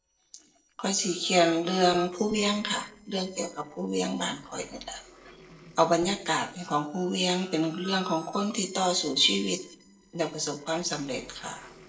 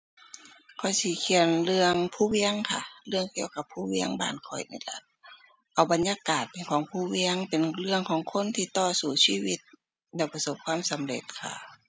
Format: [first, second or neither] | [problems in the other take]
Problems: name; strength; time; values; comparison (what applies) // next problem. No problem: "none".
second | noise reduction (neural separator model SepFormer DNS4)